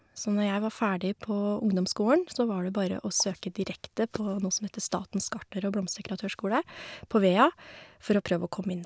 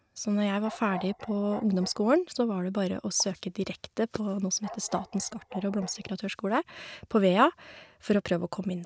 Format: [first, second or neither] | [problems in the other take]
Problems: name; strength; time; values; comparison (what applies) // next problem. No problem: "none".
first | noise reduction (neural mask model RNNoise)